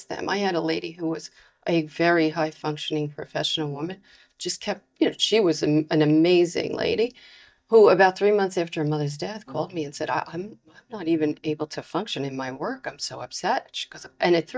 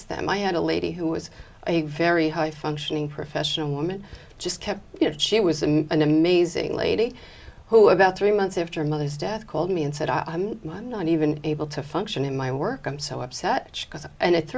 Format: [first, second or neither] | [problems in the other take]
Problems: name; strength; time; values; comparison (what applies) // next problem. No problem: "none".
second | noise reduction (neural mask model DeepFilterNet 3)